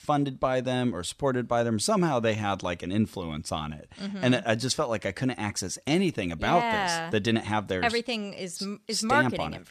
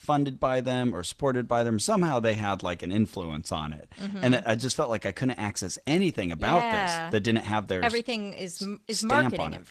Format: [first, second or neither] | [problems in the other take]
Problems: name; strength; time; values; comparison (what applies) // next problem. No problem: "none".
first | garbled, watery; slightly; nothing above 14 kHz